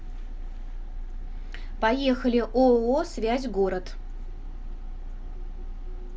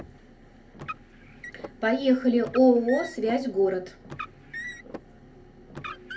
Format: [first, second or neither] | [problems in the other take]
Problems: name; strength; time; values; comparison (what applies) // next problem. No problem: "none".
first | background sound (Car); 15 dB below the speech // room echo; dies away in 0.3 s